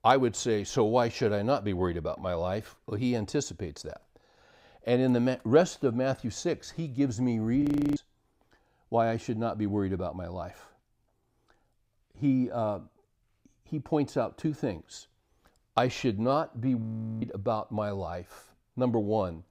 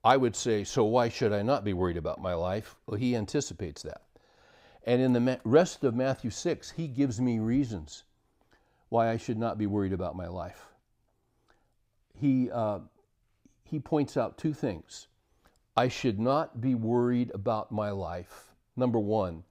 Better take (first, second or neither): second